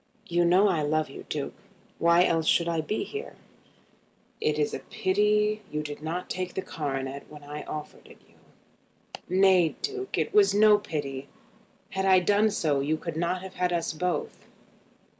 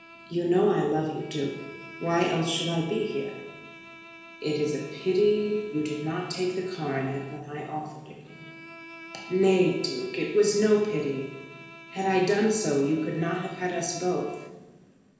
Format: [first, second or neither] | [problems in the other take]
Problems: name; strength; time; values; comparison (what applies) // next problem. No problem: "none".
first | background sound (Bowed string instrument); 19 dB below the speech // room echo; dies away in 1.1 s